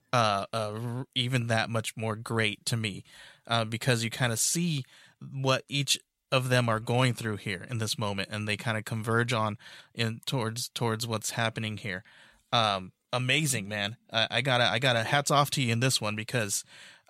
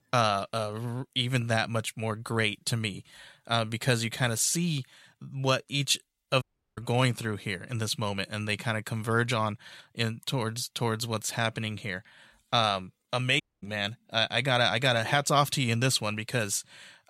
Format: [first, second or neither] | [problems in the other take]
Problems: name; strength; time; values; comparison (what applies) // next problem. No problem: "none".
first | audio cutting out; at 6.5 s and at 13 s